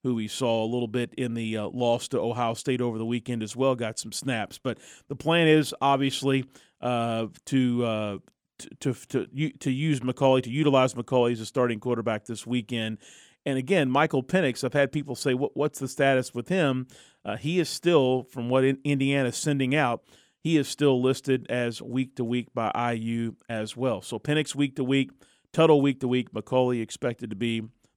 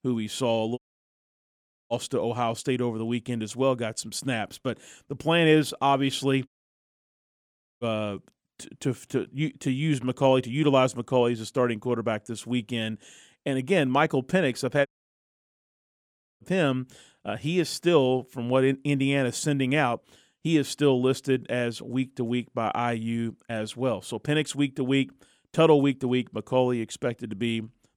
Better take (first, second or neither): first